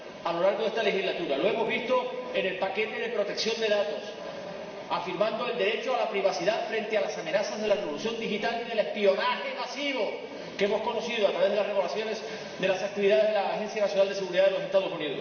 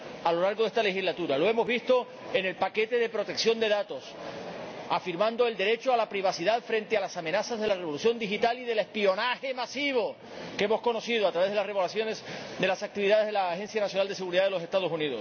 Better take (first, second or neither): second